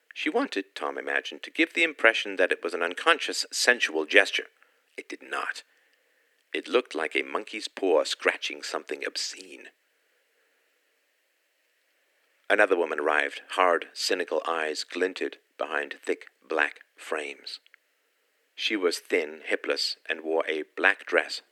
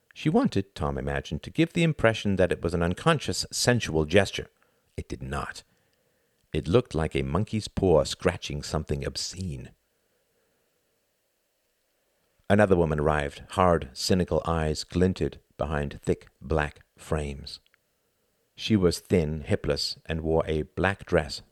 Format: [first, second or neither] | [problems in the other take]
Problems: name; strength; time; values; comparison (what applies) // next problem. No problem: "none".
second | thin; somewhat; fading below 300 Hz